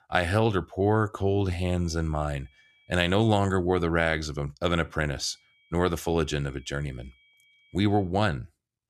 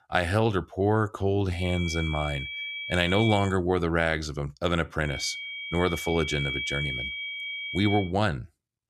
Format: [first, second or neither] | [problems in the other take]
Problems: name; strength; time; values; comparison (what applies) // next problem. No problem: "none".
first | high-pitched whine; loud; from 1.5 to 3.5 s and from 5 to 8 s; 2.5 kHz, 5 dB below the speech; faint in the first